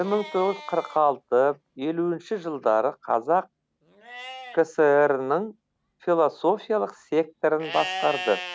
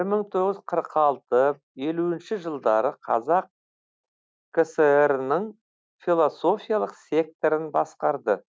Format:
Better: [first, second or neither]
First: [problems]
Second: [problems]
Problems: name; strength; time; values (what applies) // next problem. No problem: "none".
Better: second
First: background sound (Livestock, farm animals, working animals); 15 dB below the speech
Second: none